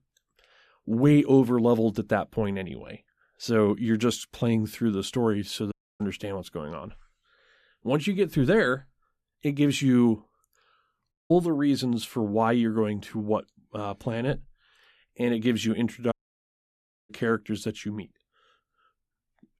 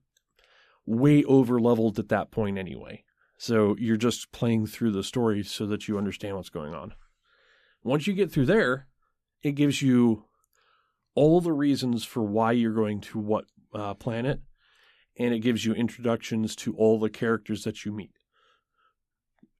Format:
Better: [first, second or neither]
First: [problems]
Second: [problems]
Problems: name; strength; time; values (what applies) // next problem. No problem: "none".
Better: second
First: audio cutting out; at 5.5 s, at 11 s and at 16 s for 1 s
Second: none